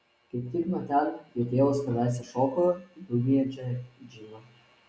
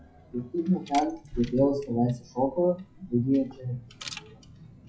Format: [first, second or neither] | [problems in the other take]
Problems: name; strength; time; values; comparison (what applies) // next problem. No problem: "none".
first | noise reduction (classical method WPE with log-MMSE)